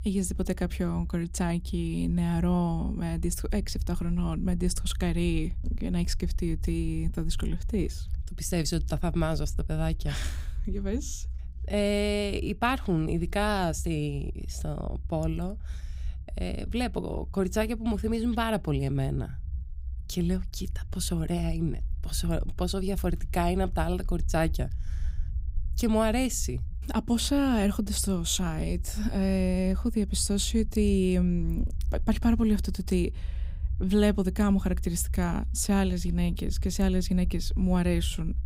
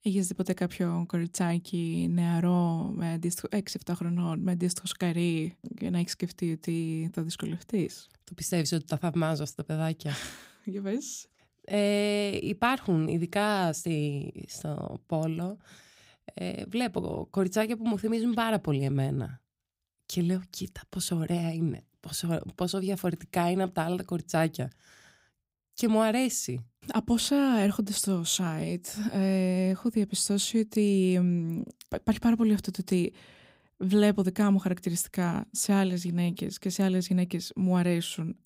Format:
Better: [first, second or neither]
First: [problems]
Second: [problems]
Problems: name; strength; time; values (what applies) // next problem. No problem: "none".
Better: second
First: low rumble; faint; throughout; 25 dB below the speech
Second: none